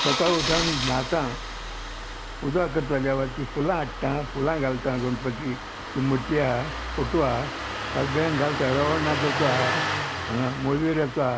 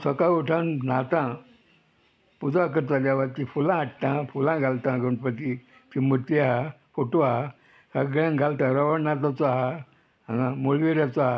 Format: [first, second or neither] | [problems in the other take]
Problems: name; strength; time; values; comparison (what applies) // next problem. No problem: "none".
second | background sound (Engine starting); 4 dB below the speech